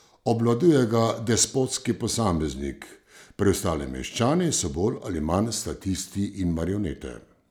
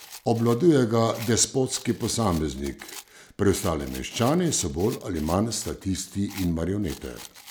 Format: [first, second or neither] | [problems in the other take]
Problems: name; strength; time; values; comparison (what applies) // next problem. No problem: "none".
first | background sound (Rattle); 20 dB below the speech